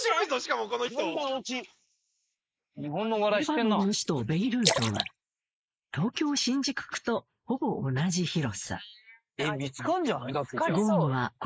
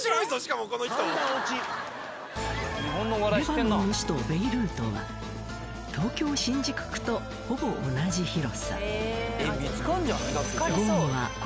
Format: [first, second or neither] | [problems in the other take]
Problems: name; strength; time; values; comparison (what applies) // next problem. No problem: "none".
second | noise reduction (neural mask model Resemble Enhance denoiser)